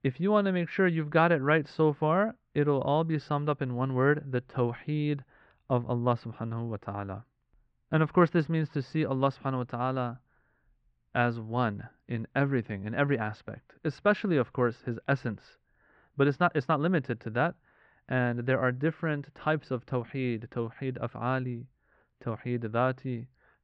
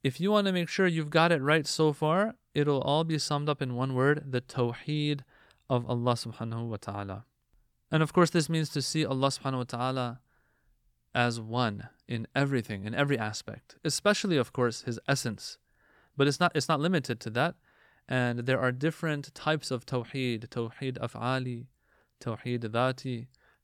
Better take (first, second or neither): second